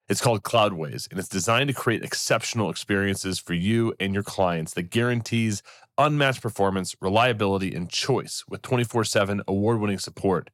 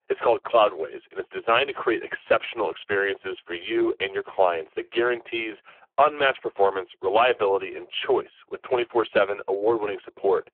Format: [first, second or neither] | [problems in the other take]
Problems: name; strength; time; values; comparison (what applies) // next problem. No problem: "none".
first | phone-call audio; poor line